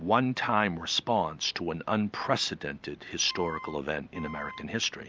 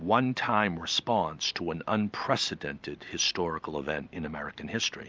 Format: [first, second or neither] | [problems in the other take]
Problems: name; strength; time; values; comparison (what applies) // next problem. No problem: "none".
second | background sound (Wind instrument, woodwind instrument); 15 dB below the speech